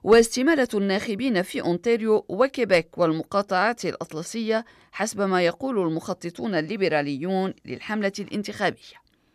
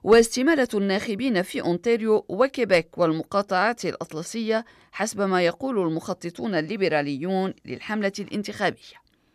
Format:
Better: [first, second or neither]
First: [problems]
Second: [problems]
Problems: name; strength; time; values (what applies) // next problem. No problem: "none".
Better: neither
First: none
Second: none